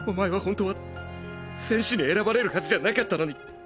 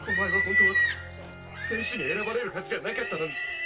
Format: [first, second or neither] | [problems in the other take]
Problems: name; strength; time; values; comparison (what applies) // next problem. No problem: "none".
first | background sound (Livestock, farm animals, working animals); 4 dB above the speech // room echo; dies away in 0.2 s